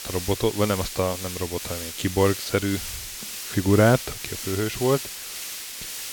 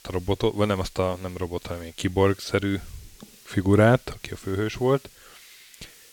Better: second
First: hiss; loud; throughout; 8 dB below the speech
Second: hiss; faint; throughout; 25 dB below the speech

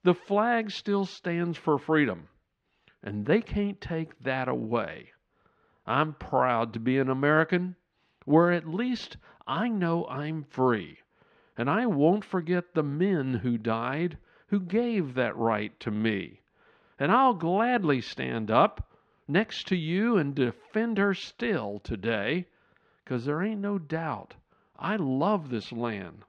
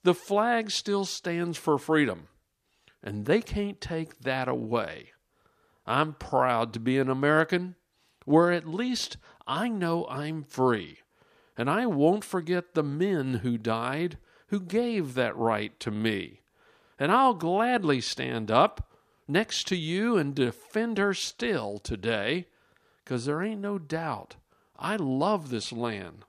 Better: second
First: muffled; slightly; fading above 2.5 kHz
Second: none

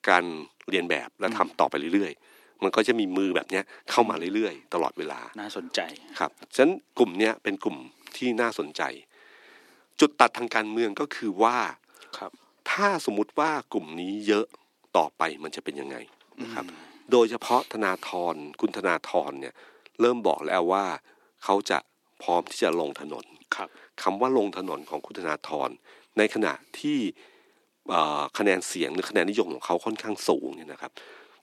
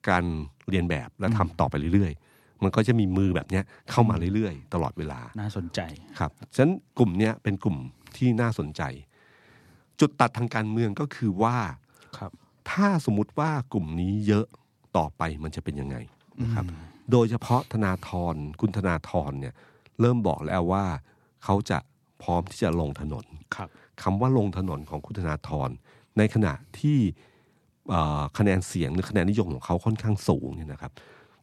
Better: second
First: thin; somewhat; fading below 300 Hz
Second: none

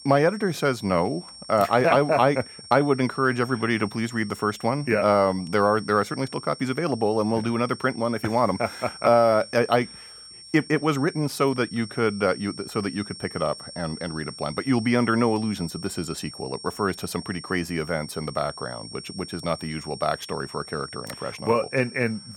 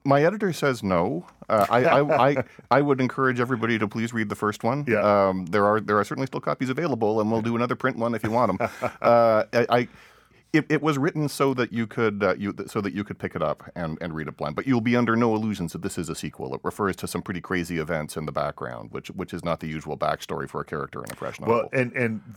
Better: second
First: high-pitched whine; noticeable; throughout; 5.5 kHz, 15 dB below the speech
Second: none

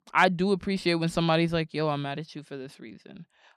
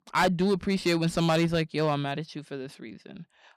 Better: first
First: none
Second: distortion; slight; 5% of the sound clipped

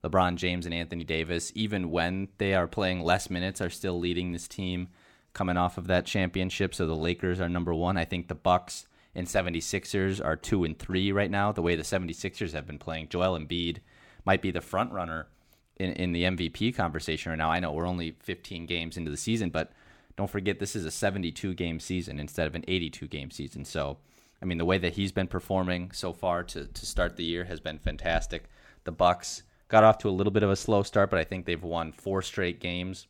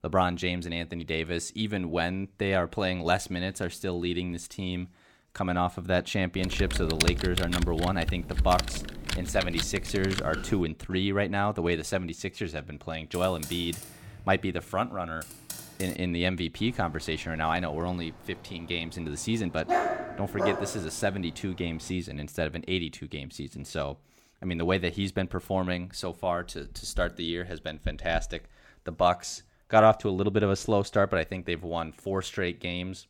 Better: first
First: none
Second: keyboard typing; loud; from 6.5 to 11 s; peak 3 dB above the speech // keyboard typing; noticeable; from 13 to 16 s; peak 9 dB below the speech // dog barking; loud; from 20 to 21 s; peak 2 dB above the speech

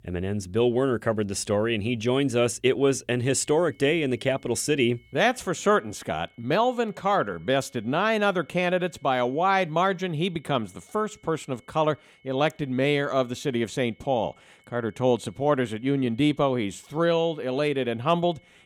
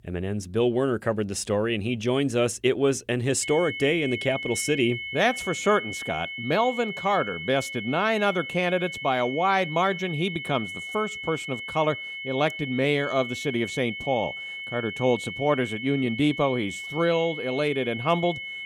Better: first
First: high-pitched whine; faint; from 3.5 s on; 2 kHz, 35 dB below the speech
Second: high-pitched whine; loud; from 3.5 s on; 2 kHz, 7 dB below the speech

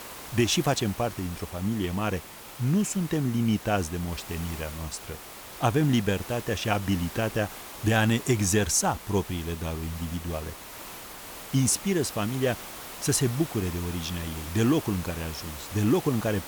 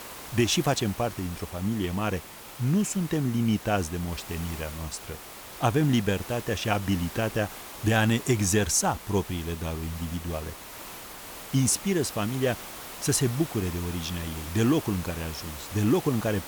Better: neither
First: hiss; noticeable; throughout; 10 dB below the speech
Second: hiss; noticeable; throughout; 10 dB below the speech

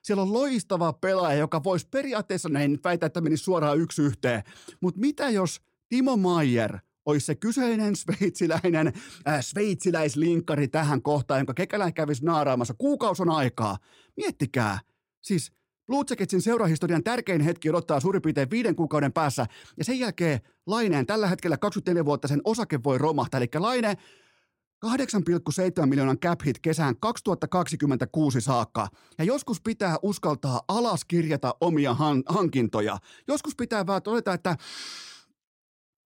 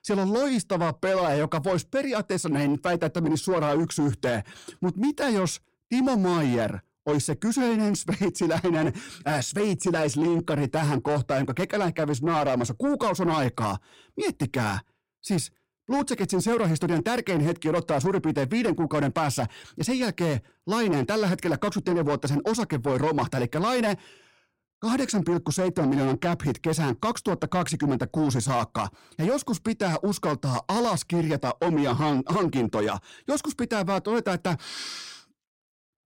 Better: first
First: none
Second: distortion; slight; 10 dB below the speech

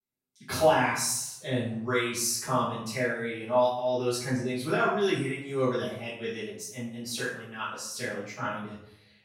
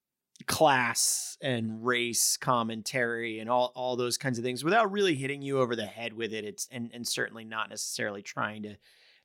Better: second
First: off-mic speech; far // room echo; noticeable; dies away in 0.6 s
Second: none

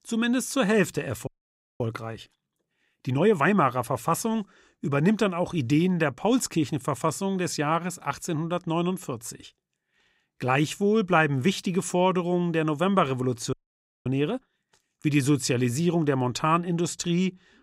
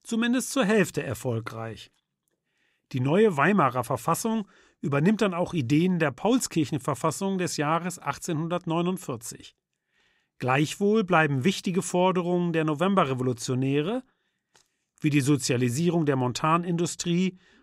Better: second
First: audio freezing; at 1.5 s for 0.5 s and at 14 s for 0.5 s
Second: none

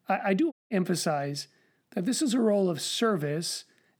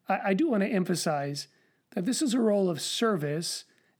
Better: second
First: audio cutting out; at 0.5 s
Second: none

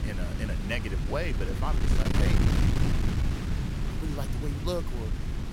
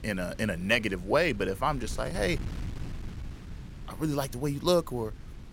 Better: second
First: wind noise on the microphone; heavy; 1 dB below the speech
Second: wind noise on the microphone; occasional gusts; 20 dB below the speech

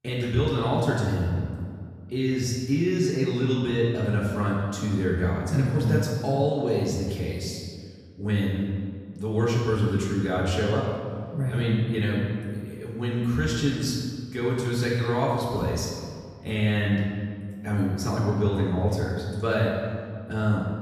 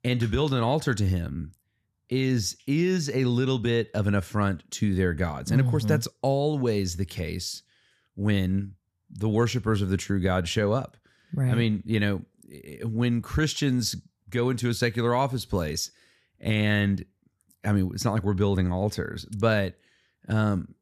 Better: second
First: room echo; noticeable; dies away in 1.7 s // off-mic speech; far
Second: none

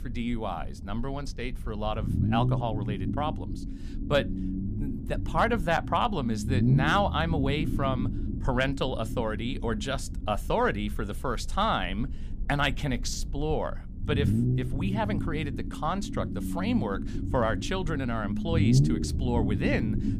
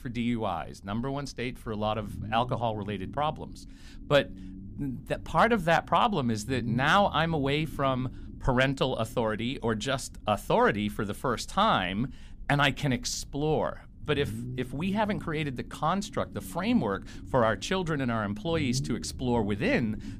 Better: second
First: low rumble; loud; throughout; 9 dB below the speech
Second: low rumble; faint; throughout; 20 dB below the speech

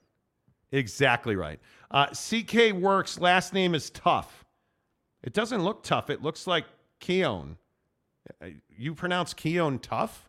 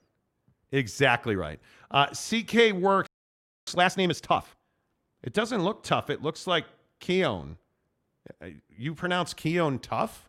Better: first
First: none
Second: audio freezing; at 3 s for 0.5 s

